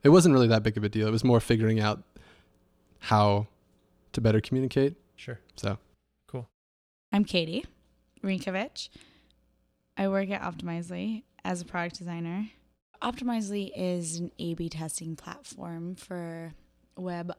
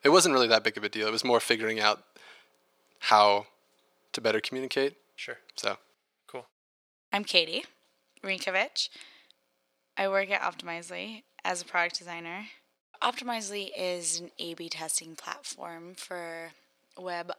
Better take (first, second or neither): first